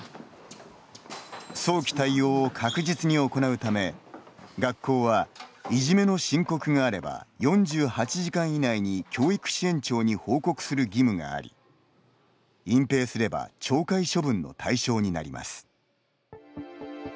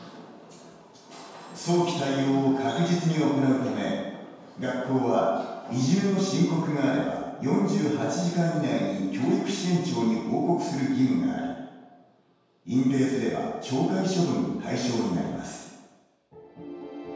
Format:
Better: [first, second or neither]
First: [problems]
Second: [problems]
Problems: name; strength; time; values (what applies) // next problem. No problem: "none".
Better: first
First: none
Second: room echo; dies away in 1.2 s